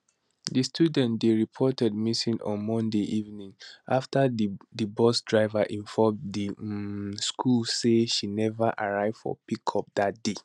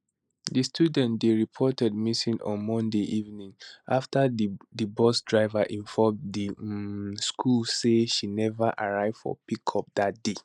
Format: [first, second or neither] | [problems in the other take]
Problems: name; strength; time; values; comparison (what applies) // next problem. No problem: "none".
first | noise reduction (neural mask model Resemble Enhance denoiser)